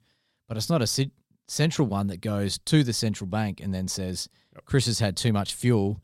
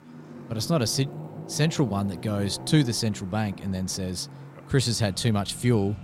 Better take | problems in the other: first | traffic noise; noticeable; throughout; 15 dB below the speech

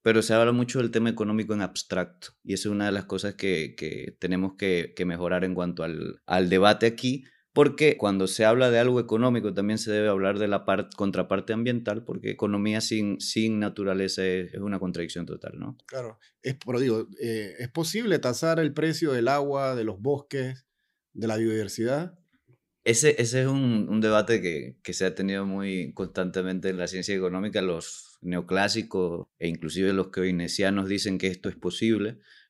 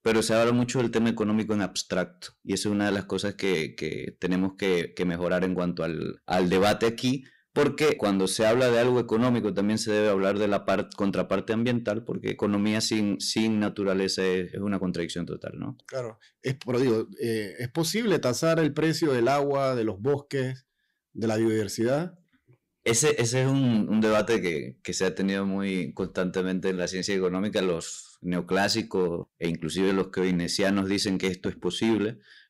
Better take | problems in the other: first | distortion; slight; 6% of the sound clipped

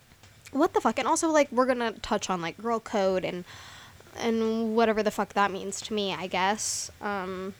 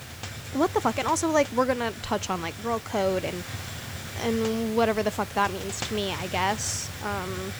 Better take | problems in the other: first | hiss; loud; throughout; 9 dB below the speech; faint in the first

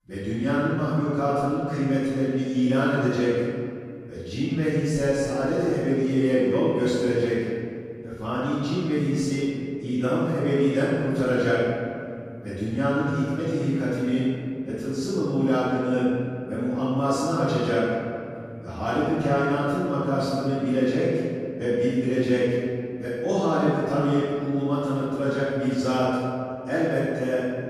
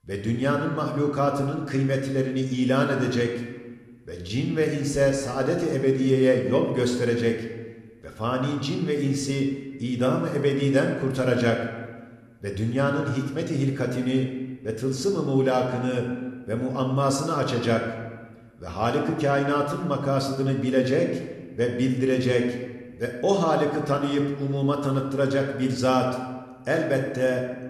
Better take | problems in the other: second | room echo; strong; dies away in 2.3 s; slight in the second // off-mic speech; far

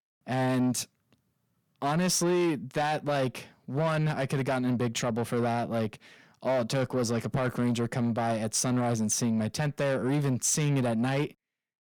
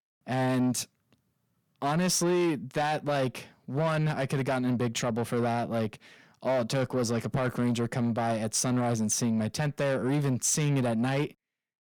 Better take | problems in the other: neither | distortion; slight; 10 dB below the speech; the same in both

